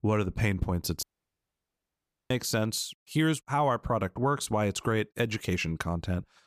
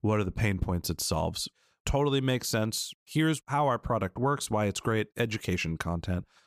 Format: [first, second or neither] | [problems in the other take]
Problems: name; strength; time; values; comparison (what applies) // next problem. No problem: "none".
second | audio cutting out; at 1 s for 1.5 s